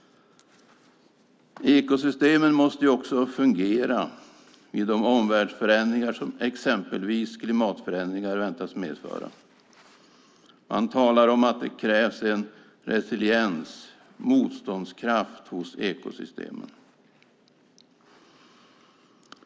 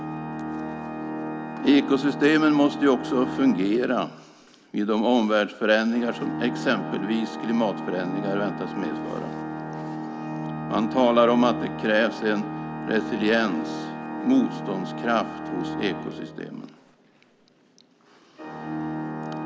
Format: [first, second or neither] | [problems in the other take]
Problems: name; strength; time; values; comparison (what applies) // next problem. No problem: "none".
first | background sound (Organ); 8 dB below the speech